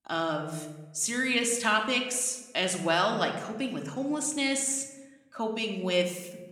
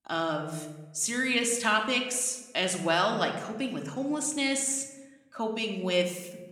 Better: neither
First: room echo; slight; dies away in 0.9 s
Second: room echo; slight; dies away in 0.9 s

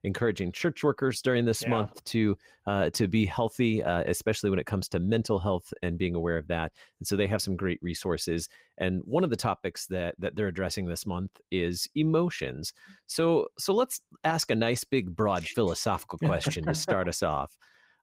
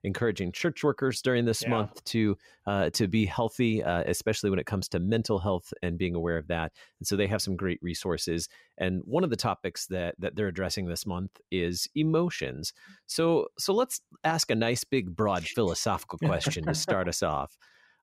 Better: second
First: garbled, watery; slightly; nothing above 15.5 kHz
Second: none

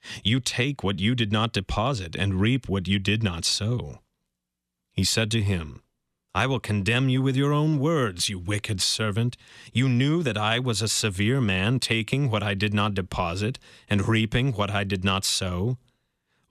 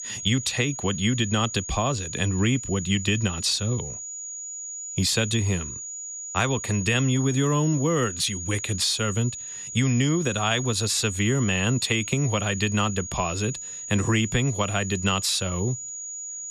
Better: first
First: none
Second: high-pitched whine; loud; throughout; 7 kHz, 8 dB below the speech

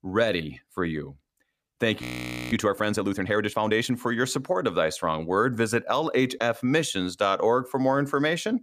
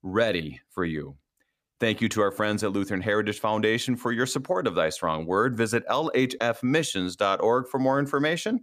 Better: second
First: audio freezing; at 2 s for 0.5 s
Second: none

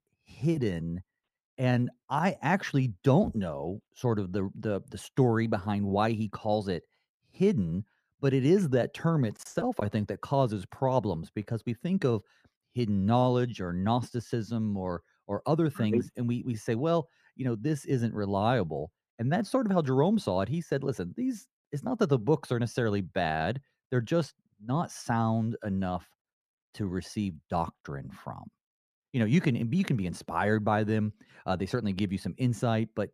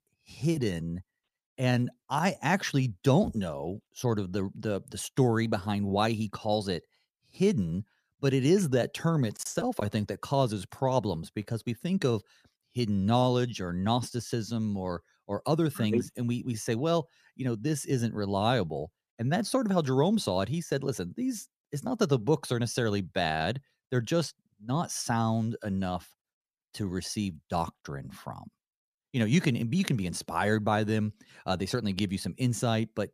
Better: second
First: muffled; slightly; fading above 3 kHz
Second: none

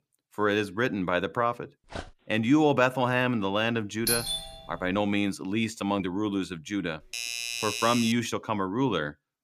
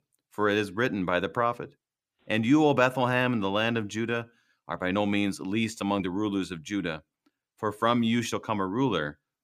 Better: second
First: dog barking; faint; at 2 s; peak 15 dB below the speech // doorbell; loud; at 4 s; peak 1 dB above the speech // doorbell; noticeable; from 7 to 8 s; peak 3 dB below the speech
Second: none

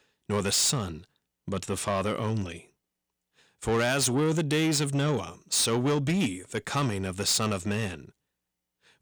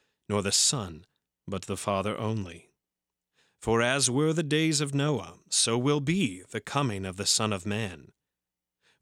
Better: second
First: distortion; slight; 10 dB below the speech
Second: none

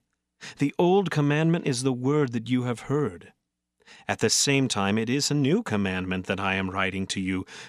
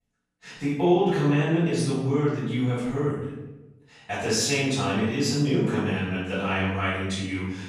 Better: first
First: none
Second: off-mic speech; far // room echo; strong; dies away in 0.9 s

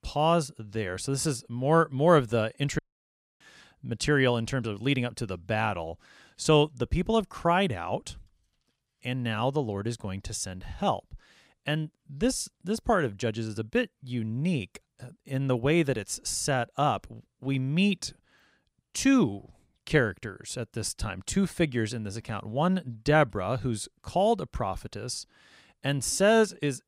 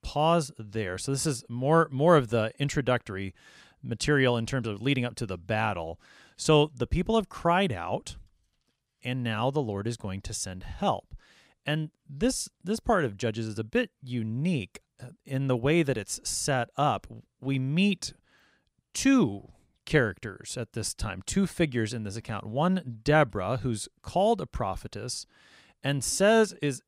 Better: second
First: audio cutting out; at 3 s for 0.5 s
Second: none

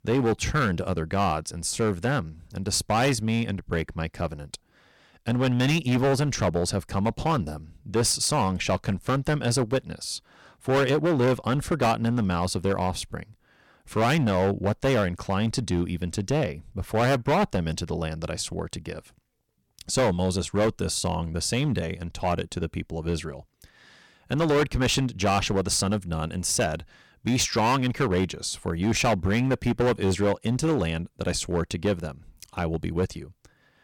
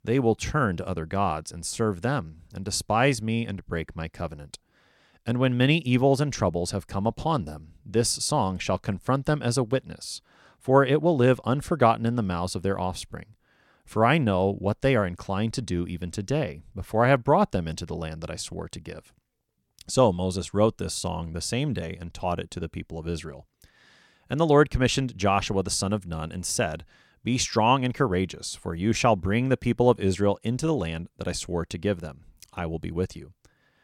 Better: second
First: distortion; heavy; 9% of the sound clipped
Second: none

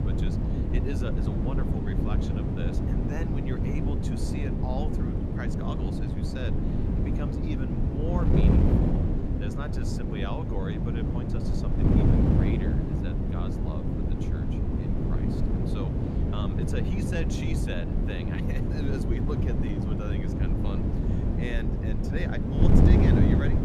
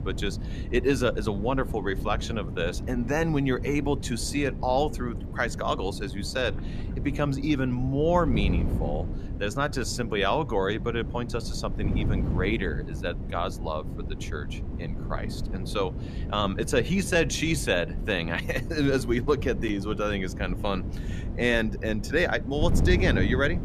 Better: second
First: wind noise on the microphone; heavy; 5 dB above the speech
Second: wind noise on the microphone; occasional gusts; 15 dB below the speech

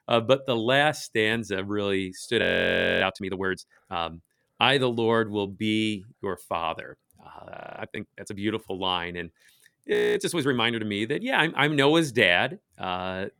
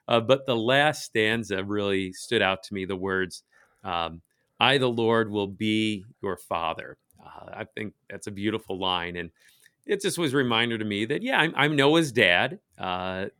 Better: second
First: audio freezing; at 2.5 s for 0.5 s, at 7.5 s and at 10 s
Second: none

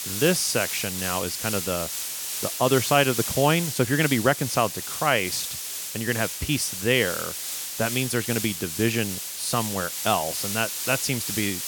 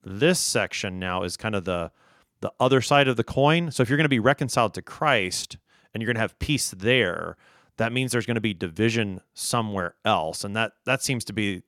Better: second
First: hiss; loud; throughout; 4 dB below the speech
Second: none

